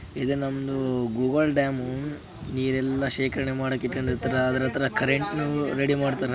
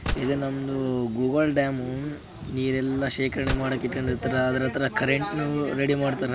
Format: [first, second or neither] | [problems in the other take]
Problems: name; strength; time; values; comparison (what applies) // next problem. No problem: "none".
first | background sound (Gunshot, gunfire); 11 dB below the speech